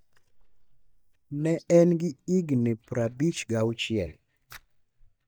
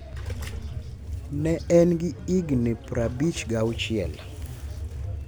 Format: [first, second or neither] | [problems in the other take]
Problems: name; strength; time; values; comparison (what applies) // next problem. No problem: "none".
second | noise reduction (neural mask model DeepFilterNet 3)